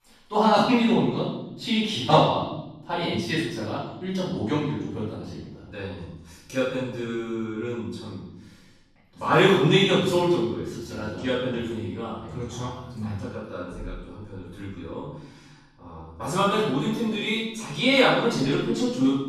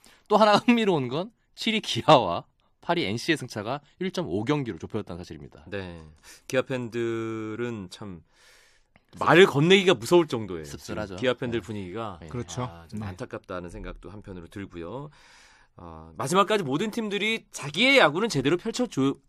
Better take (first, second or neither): second